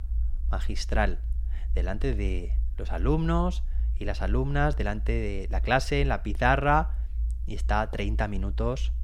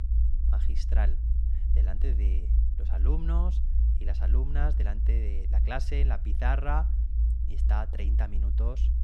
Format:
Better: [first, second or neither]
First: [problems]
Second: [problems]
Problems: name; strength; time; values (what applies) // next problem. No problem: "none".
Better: first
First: low rumble; faint; throughout; 25 dB below the speech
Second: low rumble; loud; throughout; 8 dB below the speech